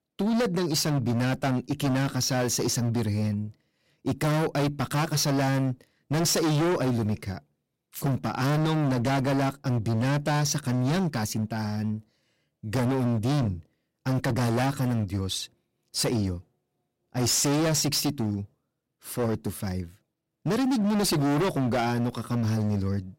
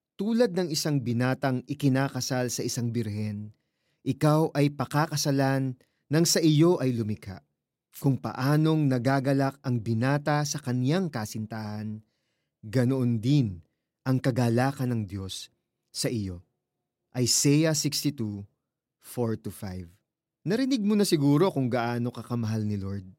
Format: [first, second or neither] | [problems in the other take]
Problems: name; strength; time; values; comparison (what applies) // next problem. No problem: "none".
second | distortion; heavy; 24% of the sound clipped